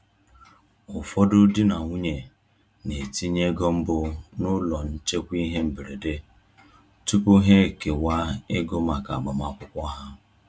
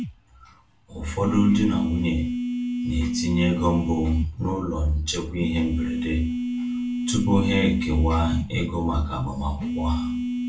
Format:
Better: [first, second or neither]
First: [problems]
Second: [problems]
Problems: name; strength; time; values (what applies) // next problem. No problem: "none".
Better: first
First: none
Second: background sound (Telephone); 3 dB below the speech // room echo; dies away in 0.3 s